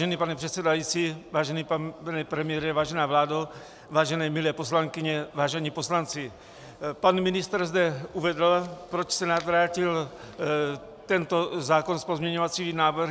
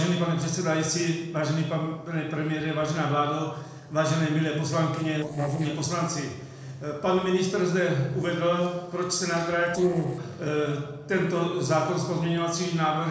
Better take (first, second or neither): first